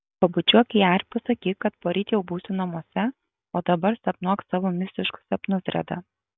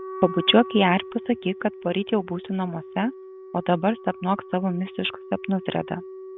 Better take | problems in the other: first | background sound (Wind instrument, woodwind instrument); 14 dB below the speech

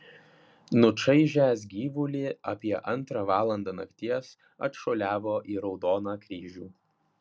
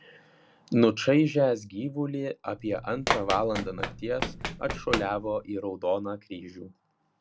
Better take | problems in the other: first | background sound (Run); 5 dB below the speech

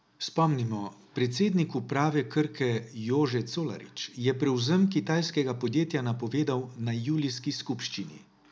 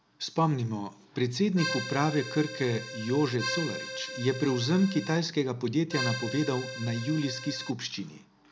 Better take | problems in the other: first | background sound (Accordion); 8 dB below the speech

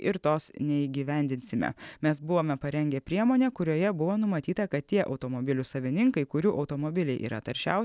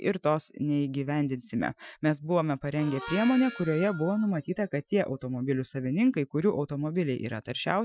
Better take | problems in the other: first | noise reduction (classical method Wiener filter)

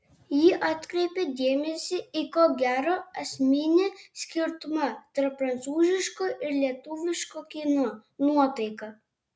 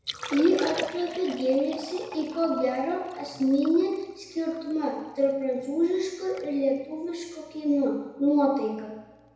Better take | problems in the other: first | background sound (Liquid); 15 dB below the speech // room echo; dies away in 1 s

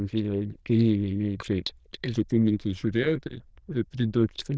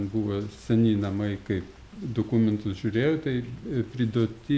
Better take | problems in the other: second | noise reduction (neural diffusion model UNIVERSE++)

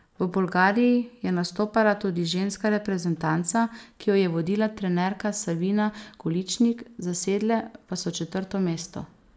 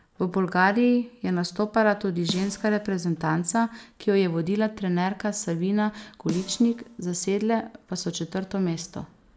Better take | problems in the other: first | background sound (Snare drum); 16 dB below the speech

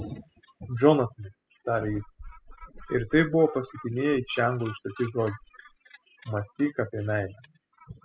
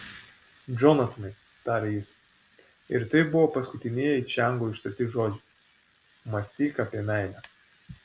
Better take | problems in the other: second | noise reduction (classical method spectral subtraction)

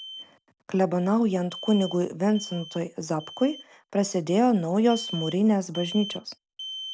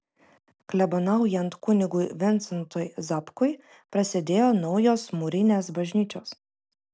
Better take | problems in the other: second | background sound (Alarm); 16 dB below the speech

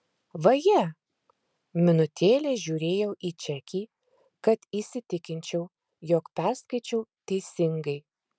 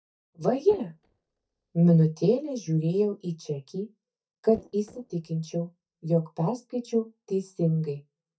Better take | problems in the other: first | noise reduction (neural mask model DeepFilterNet 3)

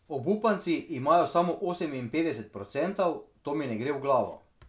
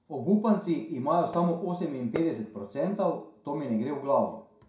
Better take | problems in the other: first | background sound (Fireworks); 18 dB below the speech // room echo; dies away in 0.4 s

